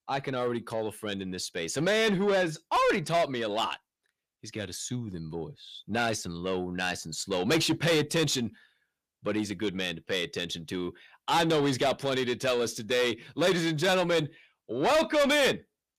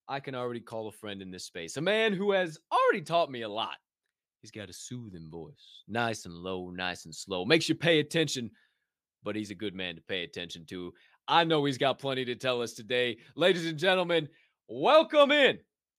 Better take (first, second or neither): second